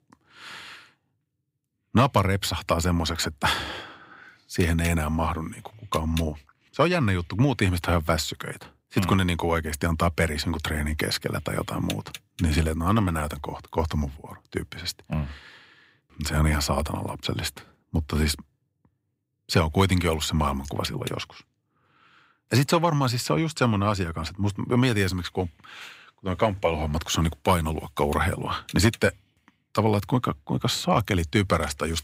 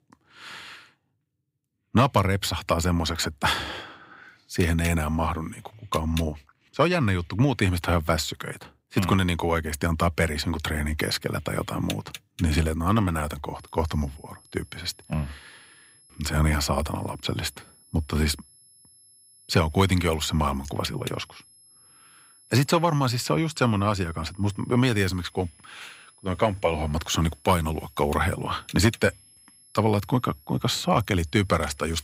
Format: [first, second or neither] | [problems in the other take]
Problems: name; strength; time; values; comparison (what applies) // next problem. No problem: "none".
first | high-pitched whine; faint; from 14 s on; 11 kHz, 25 dB below the speech